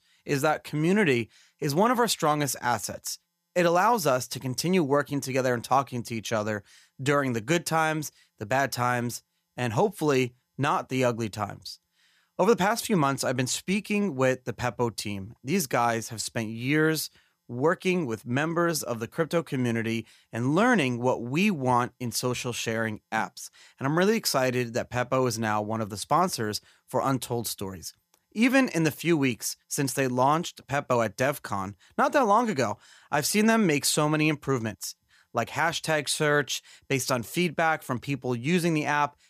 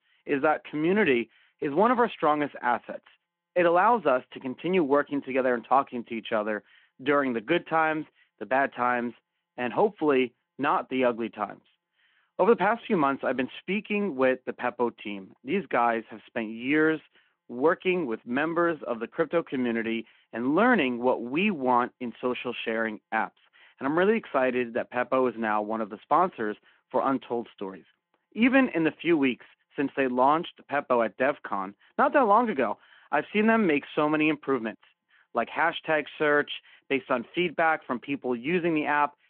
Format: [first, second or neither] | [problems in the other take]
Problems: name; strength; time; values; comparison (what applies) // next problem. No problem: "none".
first | phone-call audio